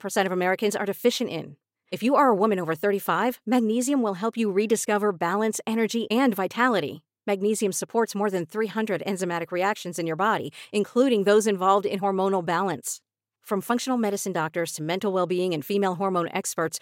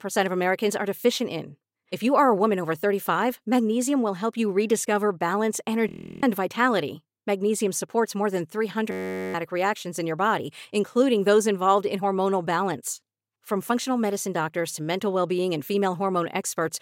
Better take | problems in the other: first | audio freezing; at 6 s and at 9 s

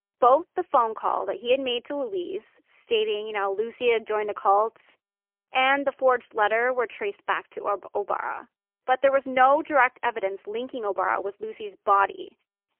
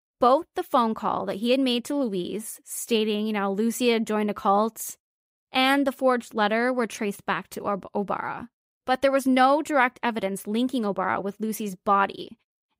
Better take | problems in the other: second | phone-call audio; poor line; nothing above 3 kHz

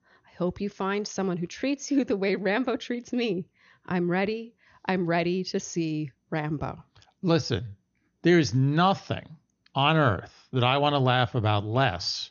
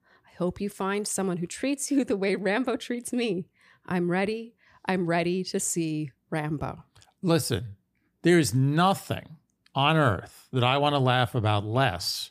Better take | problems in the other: second | garbled, watery; slightly; nothing above 6.5 kHz

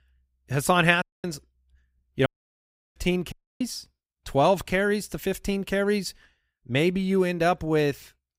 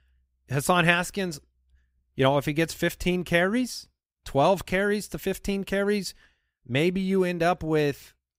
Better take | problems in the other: second | audio cutting out; at 1 s, at 2.5 s for 0.5 s and at 3.5 s

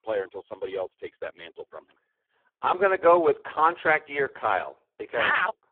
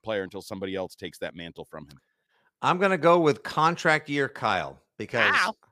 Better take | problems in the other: second | phone-call audio; poor line

